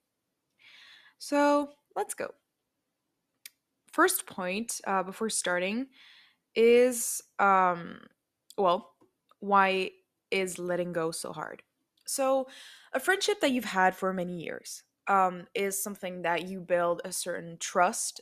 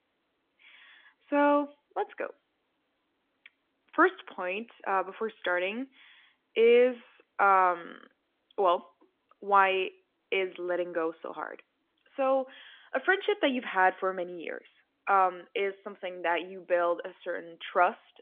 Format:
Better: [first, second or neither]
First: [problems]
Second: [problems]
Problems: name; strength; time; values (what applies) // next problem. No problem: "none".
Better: first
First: none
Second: phone-call audio; nothing above 3.5 kHz